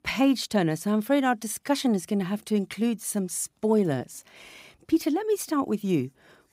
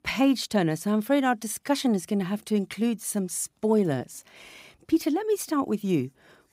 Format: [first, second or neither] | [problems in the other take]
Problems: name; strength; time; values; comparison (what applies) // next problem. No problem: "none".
neither | none